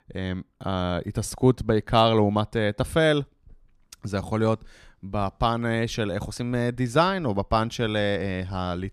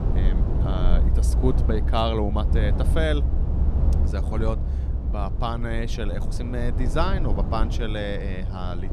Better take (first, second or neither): first